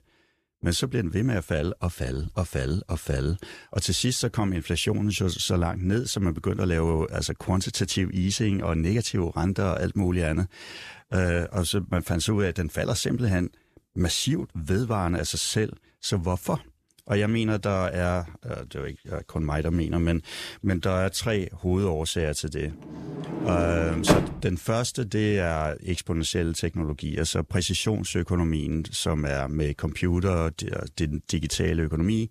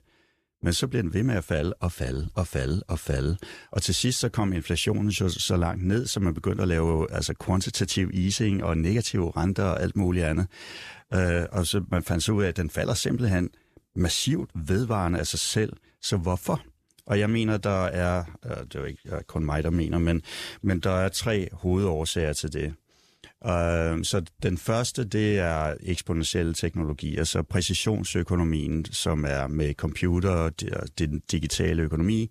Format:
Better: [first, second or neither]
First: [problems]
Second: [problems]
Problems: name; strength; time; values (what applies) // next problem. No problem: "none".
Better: second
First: door banging; loud; from 23 to 24 s; peak 4 dB above the speech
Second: none